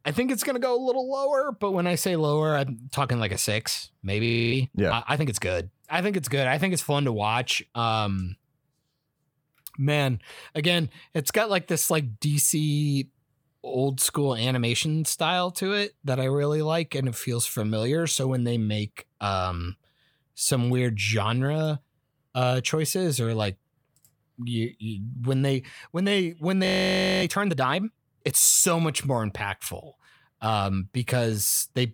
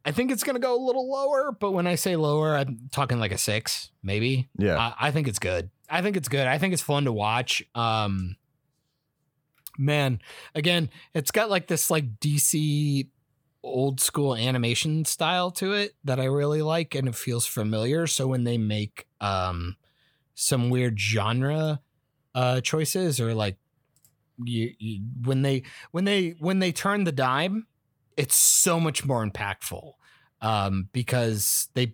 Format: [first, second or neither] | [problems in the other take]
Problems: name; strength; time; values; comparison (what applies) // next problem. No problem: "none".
second | audio freezing; at 4.5 s and at 27 s for 0.5 s